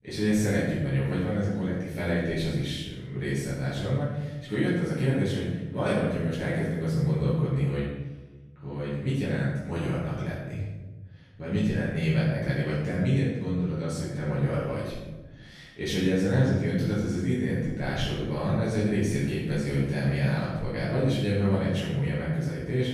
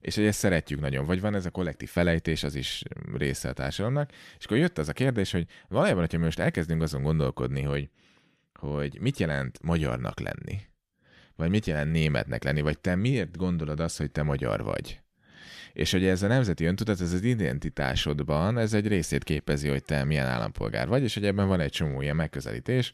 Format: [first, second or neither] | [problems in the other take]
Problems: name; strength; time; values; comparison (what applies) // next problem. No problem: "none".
second | room echo; strong; dies away in 1.1 s // off-mic speech; far